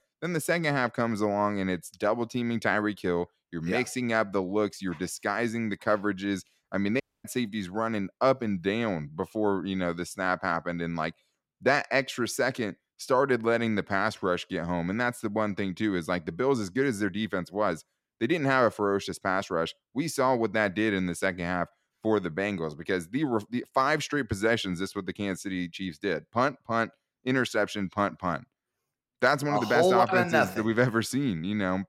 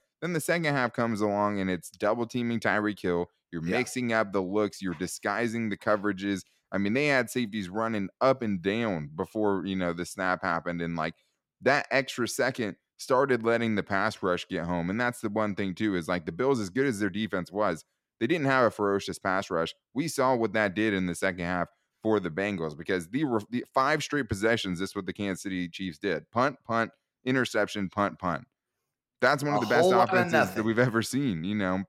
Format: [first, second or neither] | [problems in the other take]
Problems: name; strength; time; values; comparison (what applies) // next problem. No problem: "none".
second | audio cutting out; at 7 s